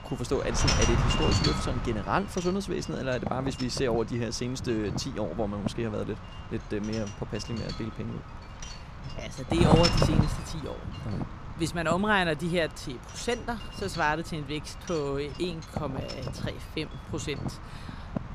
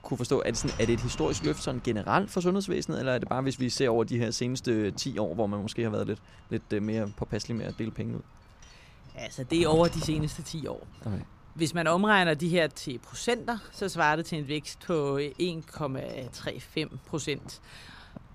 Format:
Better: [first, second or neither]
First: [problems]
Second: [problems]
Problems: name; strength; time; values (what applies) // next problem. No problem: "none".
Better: second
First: wind noise on the microphone; heavy; 3 dB below the speech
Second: wind noise on the microphone; occasional gusts; 20 dB below the speech